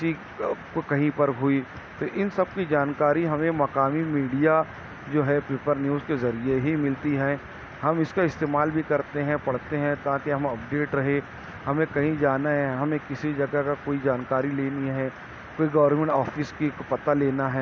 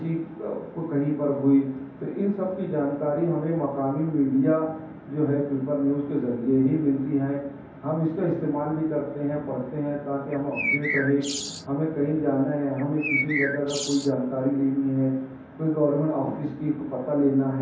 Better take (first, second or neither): first